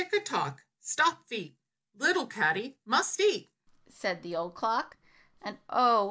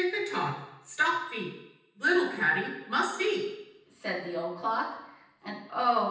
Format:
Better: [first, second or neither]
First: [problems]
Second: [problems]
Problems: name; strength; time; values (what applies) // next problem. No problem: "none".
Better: first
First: none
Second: room echo; dies away in 0.9 s